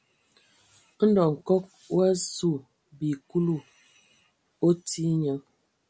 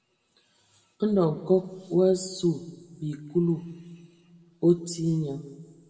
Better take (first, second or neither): first